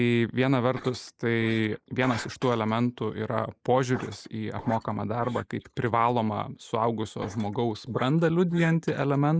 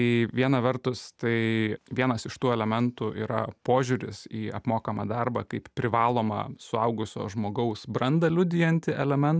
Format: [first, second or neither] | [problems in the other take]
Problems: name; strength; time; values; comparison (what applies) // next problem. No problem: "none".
second | noise reduction (neural mask model Resemble Enhance denoiser)